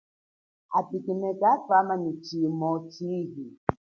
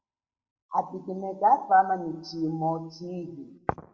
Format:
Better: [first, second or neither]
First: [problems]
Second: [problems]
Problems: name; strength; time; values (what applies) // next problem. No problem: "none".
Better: first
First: none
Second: room echo; dies away in 0.6 s